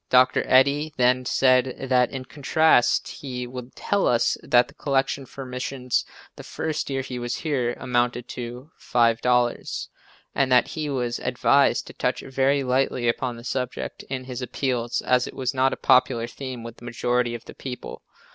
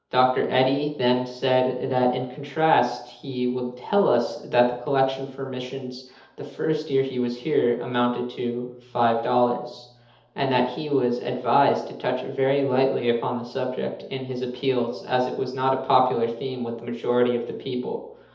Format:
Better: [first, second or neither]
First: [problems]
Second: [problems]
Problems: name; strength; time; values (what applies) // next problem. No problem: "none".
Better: first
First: none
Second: room echo; dies away in 0.8 s